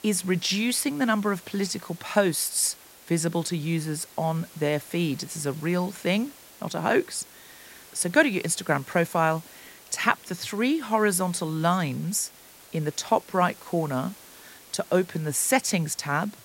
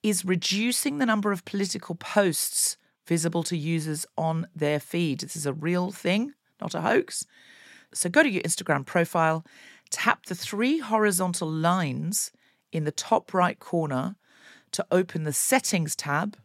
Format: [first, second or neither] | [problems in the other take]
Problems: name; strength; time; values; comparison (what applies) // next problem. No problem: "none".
second | hiss; faint; throughout; 20 dB below the speech